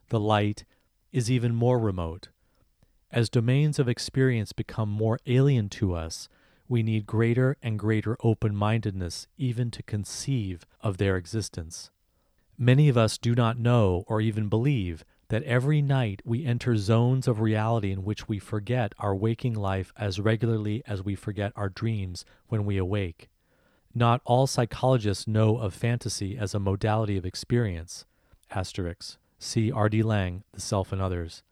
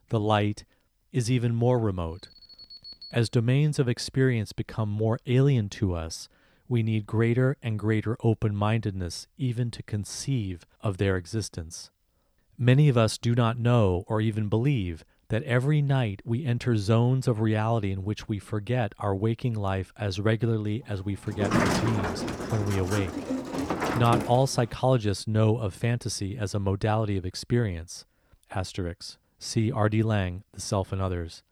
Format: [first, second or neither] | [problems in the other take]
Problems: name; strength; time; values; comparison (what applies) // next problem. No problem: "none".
first | alarm; faint; at 2 s; peak 15 dB below the speech // door banging; loud; from 21 to 24 s; peak 3 dB above the speech